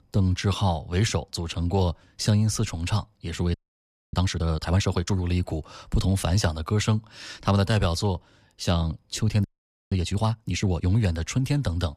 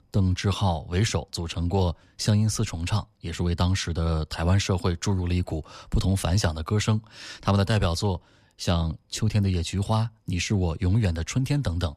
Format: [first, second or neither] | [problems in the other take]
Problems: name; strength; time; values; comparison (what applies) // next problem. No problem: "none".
second | audio freezing; at 3.5 s for 0.5 s and at 9.5 s